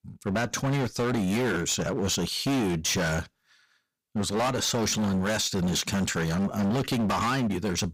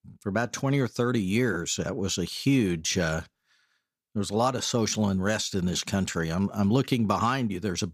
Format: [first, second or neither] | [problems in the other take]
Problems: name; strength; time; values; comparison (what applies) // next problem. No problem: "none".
second | distortion; heavy; 24% of the sound clipped